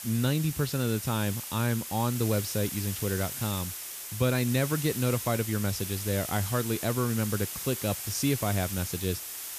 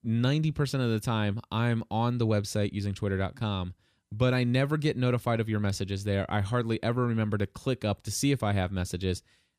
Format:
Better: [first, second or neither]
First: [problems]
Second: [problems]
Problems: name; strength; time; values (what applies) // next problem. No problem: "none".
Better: second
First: hiss; loud; throughout; 5 dB below the speech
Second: none